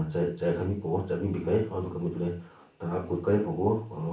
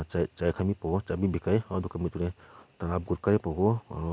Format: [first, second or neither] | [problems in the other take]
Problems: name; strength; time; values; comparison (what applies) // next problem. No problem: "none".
second | room echo; dies away in 0.4 s